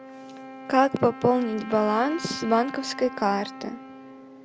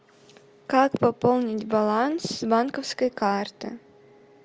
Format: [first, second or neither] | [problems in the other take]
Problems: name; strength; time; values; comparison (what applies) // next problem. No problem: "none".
second | background sound (Wind instrument, woodwind instrument); 14 dB below the speech